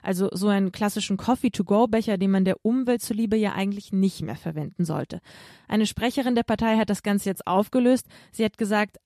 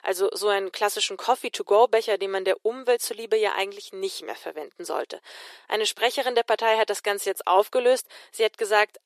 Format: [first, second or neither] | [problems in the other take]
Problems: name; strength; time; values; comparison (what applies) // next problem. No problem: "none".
first | thin; very; fading below 400 Hz